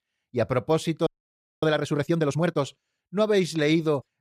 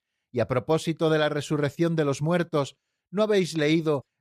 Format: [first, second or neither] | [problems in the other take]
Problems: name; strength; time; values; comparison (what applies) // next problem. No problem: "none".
second | audio freezing; at 1 s for 0.5 s